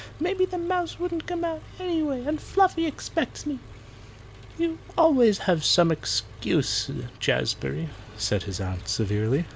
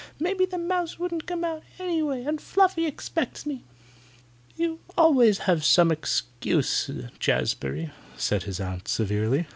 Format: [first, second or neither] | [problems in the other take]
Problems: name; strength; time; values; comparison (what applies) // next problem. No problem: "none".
second | background sound (Engine); 17 dB below the speech